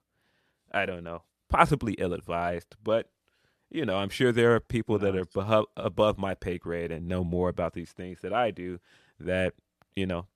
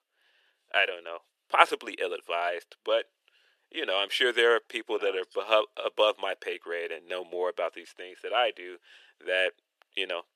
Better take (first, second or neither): first